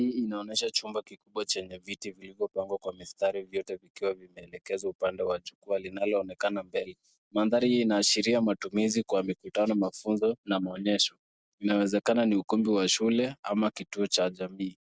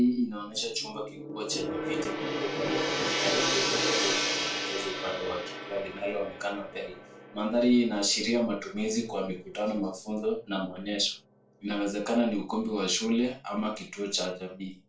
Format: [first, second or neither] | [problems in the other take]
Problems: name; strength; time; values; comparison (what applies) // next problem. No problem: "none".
first | background sound (Gong); 4 dB below the speech // room echo; dies away in 0.3 s